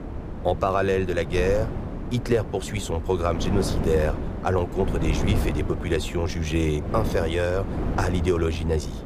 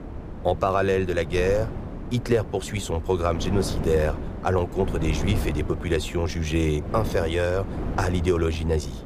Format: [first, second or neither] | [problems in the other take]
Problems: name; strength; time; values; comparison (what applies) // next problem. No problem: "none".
second | wind noise on the microphone; heavy; 9 dB below the speech; occasional gusts in the second